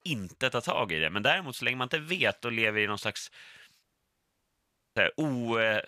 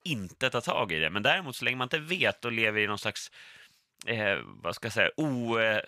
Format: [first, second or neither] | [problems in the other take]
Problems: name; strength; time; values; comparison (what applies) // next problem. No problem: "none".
second | audio cutting out; at 4 s for 1 s